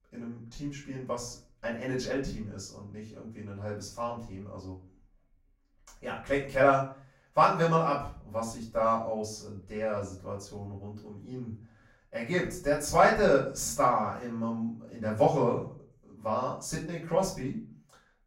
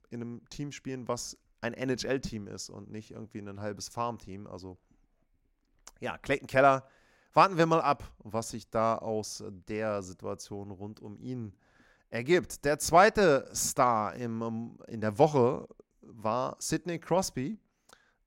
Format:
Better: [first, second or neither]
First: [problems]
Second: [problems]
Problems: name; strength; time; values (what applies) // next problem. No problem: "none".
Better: second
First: off-mic speech; far // room echo; slight; dies away in 0.4 s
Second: none